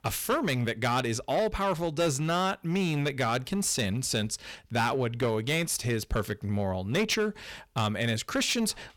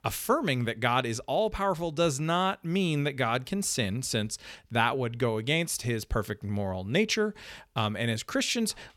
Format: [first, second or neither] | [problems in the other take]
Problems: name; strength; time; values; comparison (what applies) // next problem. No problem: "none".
second | distortion; slight; 10% of the sound clipped